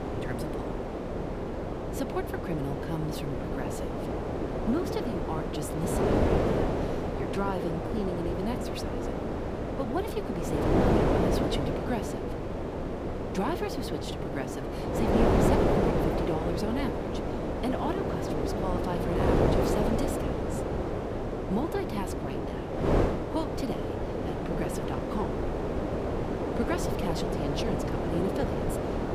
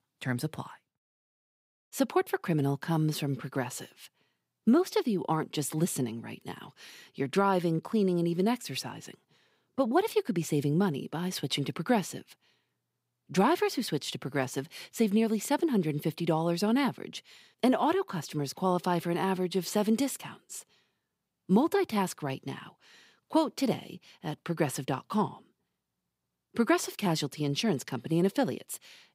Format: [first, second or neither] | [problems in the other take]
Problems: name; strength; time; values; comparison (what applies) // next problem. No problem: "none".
second | wind noise on the microphone; heavy; 5 dB above the speech